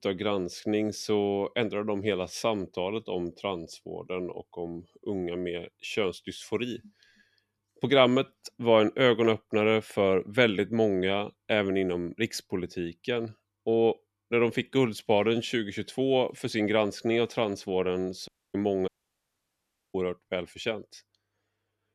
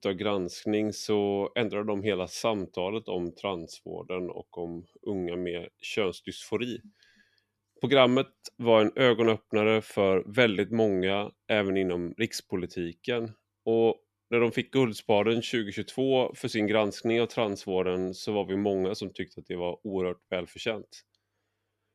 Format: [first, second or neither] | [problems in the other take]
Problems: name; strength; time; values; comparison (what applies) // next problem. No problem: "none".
second | audio cutting out; at 18 s and at 19 s for 1 s